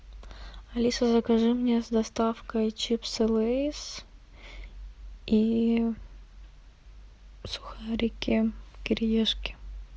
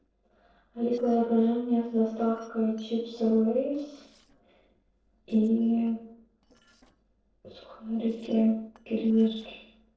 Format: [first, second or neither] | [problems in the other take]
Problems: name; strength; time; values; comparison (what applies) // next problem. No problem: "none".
first | noise reduction (neural separator model SepFormer DNS4)